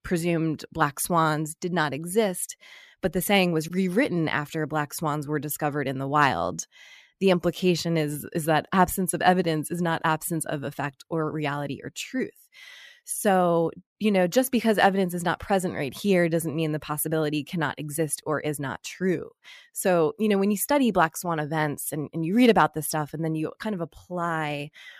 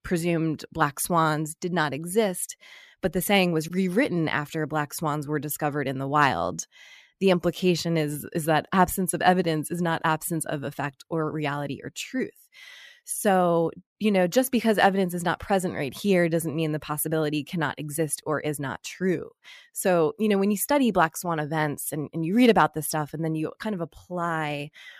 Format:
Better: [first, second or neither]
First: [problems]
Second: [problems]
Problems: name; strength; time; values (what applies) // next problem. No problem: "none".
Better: neither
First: none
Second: none